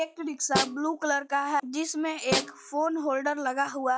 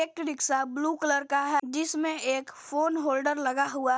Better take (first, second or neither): second